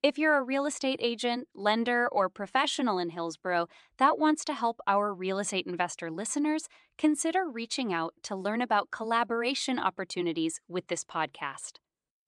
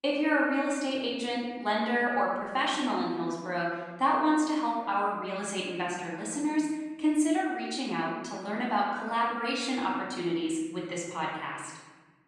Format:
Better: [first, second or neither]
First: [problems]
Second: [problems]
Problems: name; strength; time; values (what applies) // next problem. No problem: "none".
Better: first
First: none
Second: room echo; noticeable; dies away in 1.3 s // off-mic speech; far